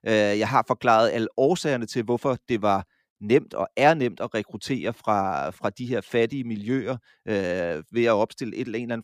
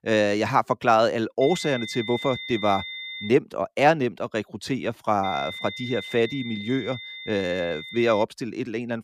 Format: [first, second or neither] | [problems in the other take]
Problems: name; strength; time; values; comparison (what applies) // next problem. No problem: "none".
first | high-pitched whine; loud; from 1.5 to 3.5 s and from 5 to 8 s; 2 kHz, 10 dB below the speech